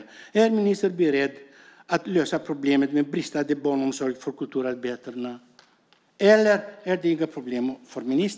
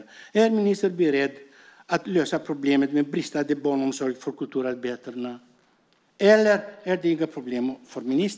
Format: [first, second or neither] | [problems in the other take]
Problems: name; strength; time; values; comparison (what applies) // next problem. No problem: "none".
first | noise reduction (neural mask model Resemble Enhance denoiser)